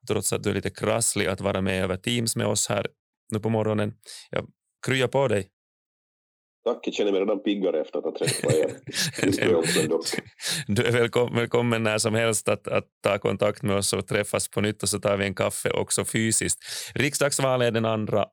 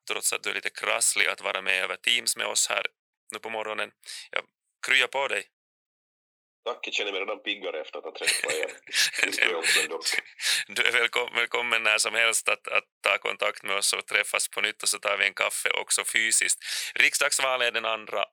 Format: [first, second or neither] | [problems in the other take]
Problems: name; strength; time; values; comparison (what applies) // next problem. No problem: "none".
first | thin; very; fading below 800 Hz